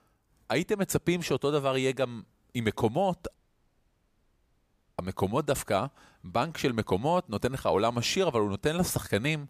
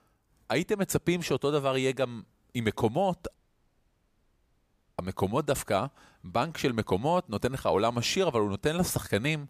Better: neither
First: audio cutting out; at 3.5 s for 1.5 s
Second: audio cutting out; at 3.5 s for 1.5 s

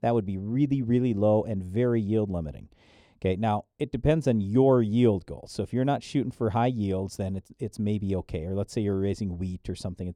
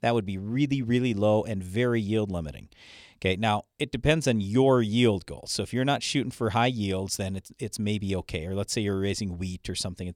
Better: second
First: muffled; slightly; fading above 1.5 kHz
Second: none

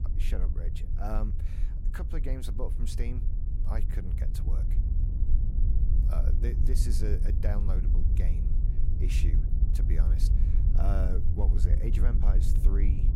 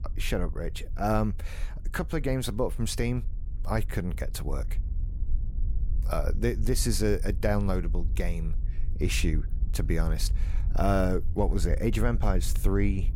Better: second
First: low rumble; loud; throughout; 4 dB below the speech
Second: low rumble; faint; throughout; 20 dB below the speech

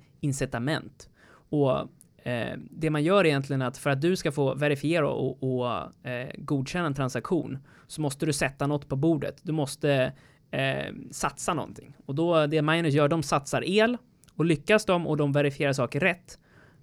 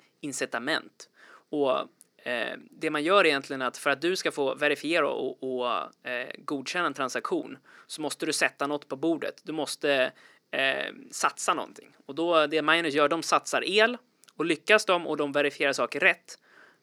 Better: first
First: none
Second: thin; somewhat; fading below 300 Hz

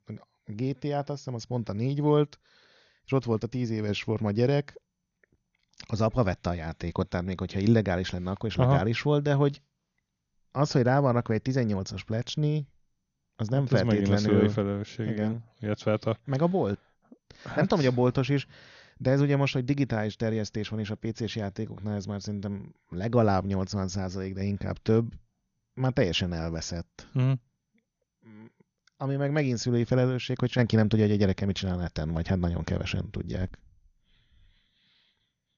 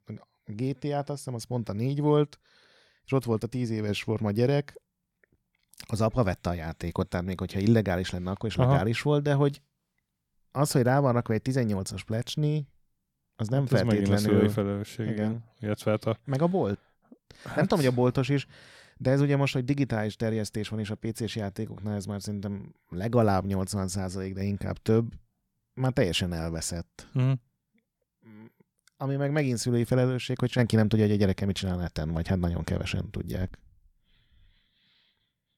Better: second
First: garbled, watery; slightly; nothing above 6.5 kHz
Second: none

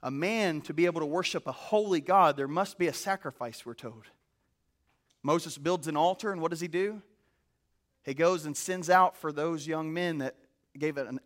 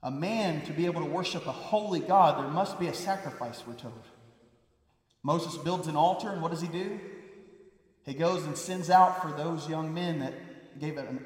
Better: first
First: none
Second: room echo; slight; dies away in 2.1 s

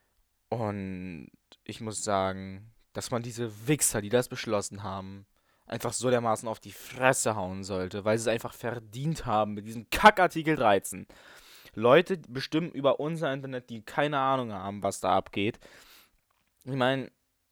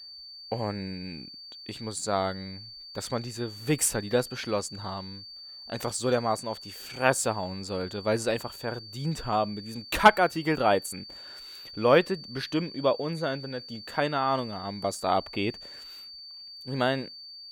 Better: first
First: none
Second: high-pitched whine; noticeable; throughout; 4.5 kHz, 15 dB below the speech

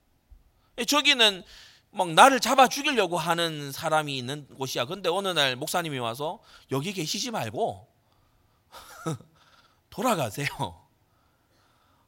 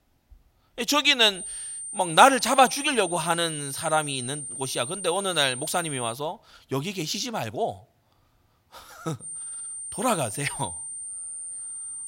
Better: first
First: none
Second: high-pitched whine; loud; from 1.5 to 6 s and from 9 s on; 9 kHz, 9 dB below the speech

